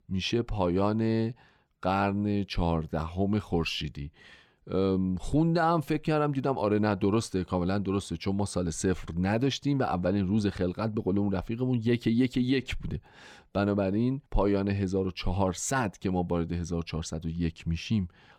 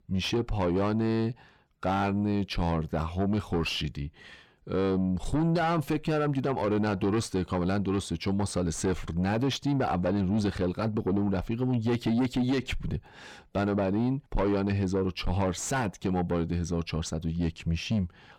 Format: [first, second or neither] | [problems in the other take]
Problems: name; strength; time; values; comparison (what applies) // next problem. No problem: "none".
first | distortion; slight; 10 dB below the speech